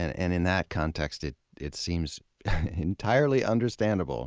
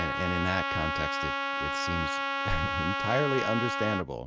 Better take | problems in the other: first | background sound (Trumpet); 1 dB above the speech

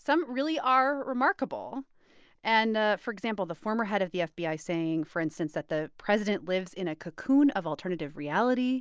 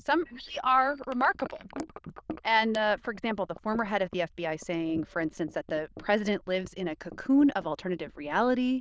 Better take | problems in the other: first | noise reduction (neural diffusion model UNIVERSE++)

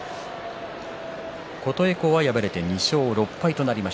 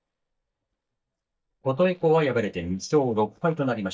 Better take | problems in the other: first | noise reduction (neural mask model DeepFilterNet 3)

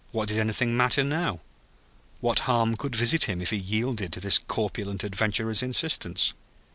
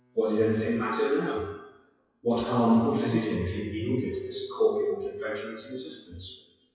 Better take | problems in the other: first | noise reduction (classical method WPE with log-MMSE)

